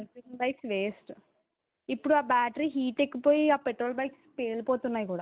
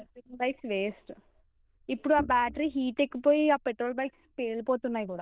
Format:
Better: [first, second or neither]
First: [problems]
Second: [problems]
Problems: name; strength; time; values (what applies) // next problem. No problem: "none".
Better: first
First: none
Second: noise reduction (neural diffusion model UNIVERSE++)